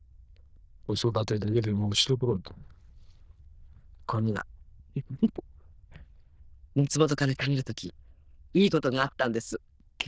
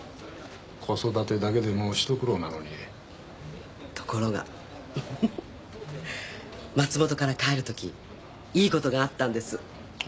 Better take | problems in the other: second | noise reduction (neural diffusion model UNIVERSE++)

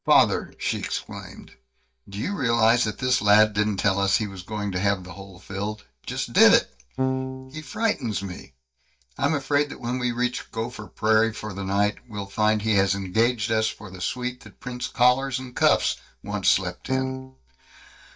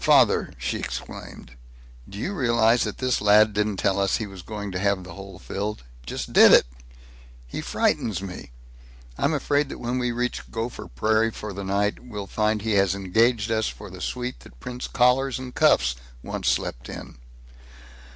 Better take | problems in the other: second | noise reduction (neural mask model DeepFilterNet 3)

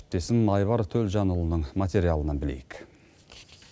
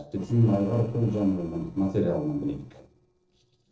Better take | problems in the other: first | noise reduction (neural separator model SepFormer DNS4)

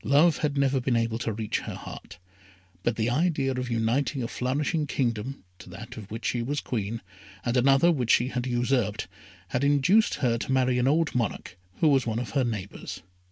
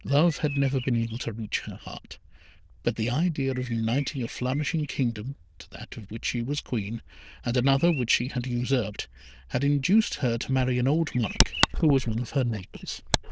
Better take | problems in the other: first | noise reduction (neural diffusion model UNIVERSE++)

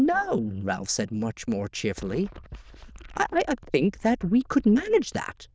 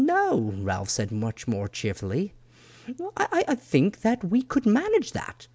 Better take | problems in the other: second | noise reduction (neural diffusion model UNIVERSE++)

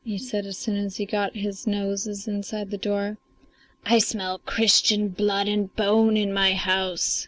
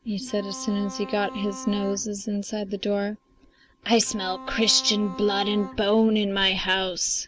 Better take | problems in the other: first | background sound (Bowed string instrument); 14 dB below the speech

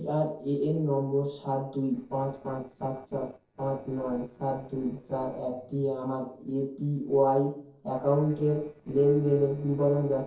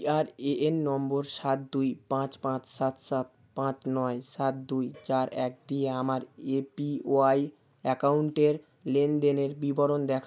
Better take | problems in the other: second | noise reduction (neural separator model SepFormer DNS4)

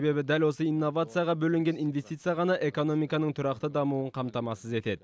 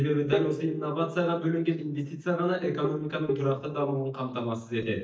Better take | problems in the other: first | noise reduction (neural mask model DeepFilterNet 3)

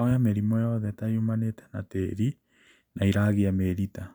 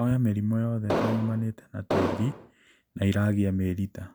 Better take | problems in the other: first | background sound (Explosion); 2 dB below the speech

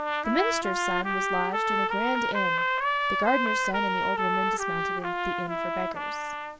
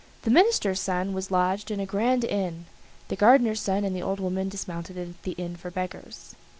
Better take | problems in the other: second | background sound (Trumpet); 4 dB above the speech

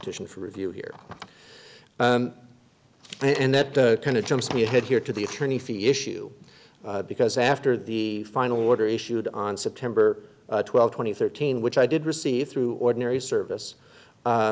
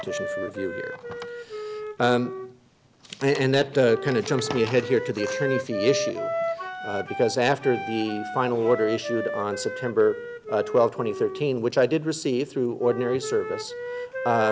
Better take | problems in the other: first | background sound (Wind instrument, woodwind instrument); 8 dB below the speech

